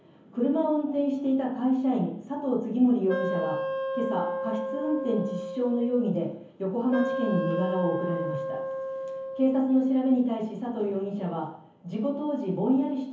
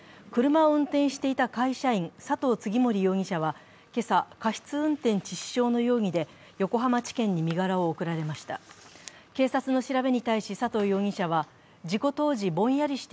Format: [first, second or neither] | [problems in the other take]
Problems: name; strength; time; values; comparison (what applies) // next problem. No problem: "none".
second | background sound (Wind instrument, woodwind instrument); 5 dB below the speech // room echo; dies away in 0.7 s